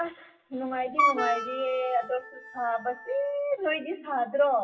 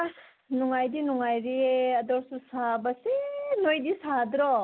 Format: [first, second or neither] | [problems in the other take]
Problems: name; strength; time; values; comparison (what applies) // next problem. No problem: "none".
second | noise reduction (classical method WPE with log-MMSE)